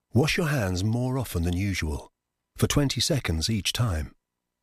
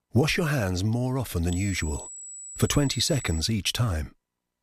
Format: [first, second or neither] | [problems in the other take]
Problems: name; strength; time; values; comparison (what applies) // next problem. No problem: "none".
first | high-pitched whine; noticeable; from 1.5 to 3.5 s; 8 kHz, 10 dB below the speech